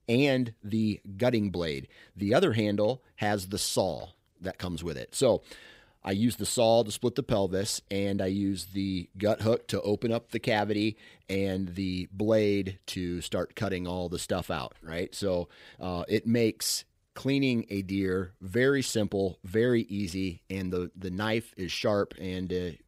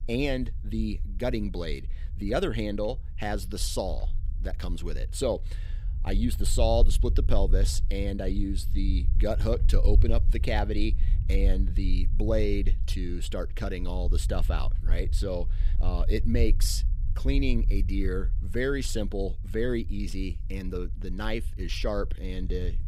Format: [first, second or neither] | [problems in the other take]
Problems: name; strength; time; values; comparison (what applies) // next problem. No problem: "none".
first | low rumble; noticeable; throughout; 20 dB below the speech